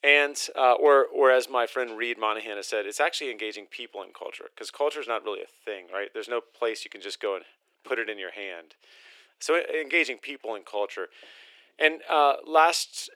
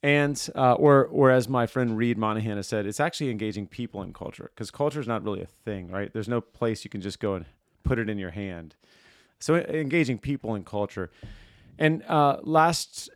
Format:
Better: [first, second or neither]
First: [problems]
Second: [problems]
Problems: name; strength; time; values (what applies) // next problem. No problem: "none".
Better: second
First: thin; very; fading below 400 Hz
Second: none